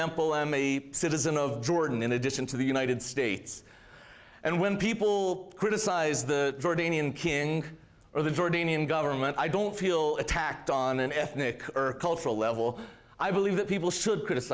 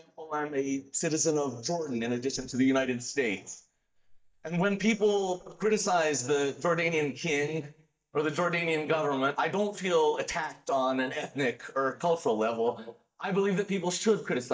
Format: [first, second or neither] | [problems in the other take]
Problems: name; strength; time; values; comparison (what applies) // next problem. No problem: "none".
first | noise reduction (neural mask model DeepFilterNet 3)